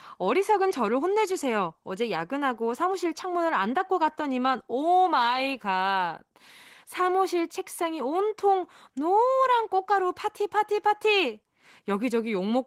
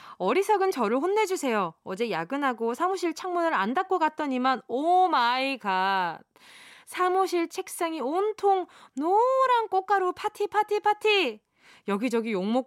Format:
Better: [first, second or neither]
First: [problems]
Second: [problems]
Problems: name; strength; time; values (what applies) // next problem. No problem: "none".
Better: second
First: garbled, watery; slightly; nothing above 16 kHz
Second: none